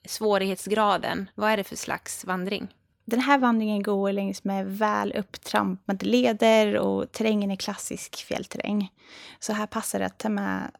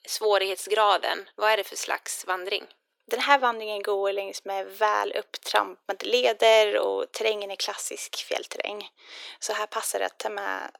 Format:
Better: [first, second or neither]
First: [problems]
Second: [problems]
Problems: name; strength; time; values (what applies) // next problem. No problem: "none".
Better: first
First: none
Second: thin; very; fading below 350 Hz